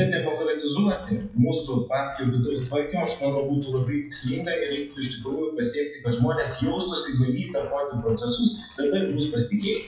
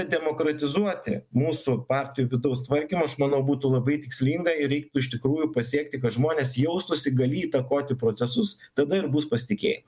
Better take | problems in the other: second | noise reduction (classical method WPE with log-MMSE)

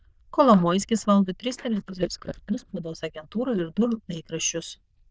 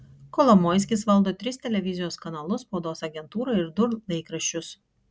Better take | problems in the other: second | noise reduction (neural diffusion model UNIVERSE++)

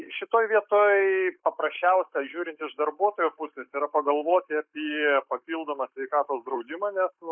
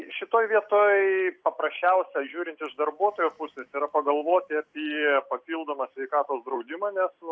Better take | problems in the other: second | noise reduction (neural mask model Resemble Enhance denoiser)

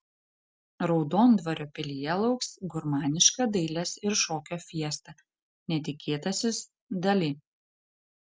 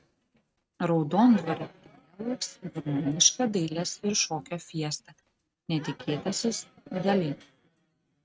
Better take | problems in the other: first | noise reduction (neural mask model RNNoise)

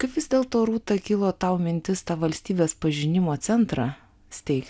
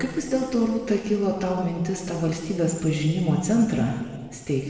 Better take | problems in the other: first | room echo; dies away in 1.6 s

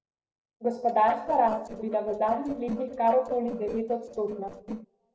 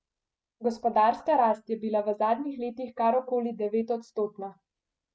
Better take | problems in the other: second | noise reduction (neural separator model SepFormer DNS4)

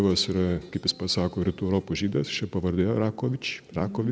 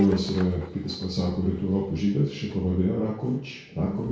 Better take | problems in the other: first | background sound (Dog); 17 dB below the speech // room echo; dies away in 0.6 s

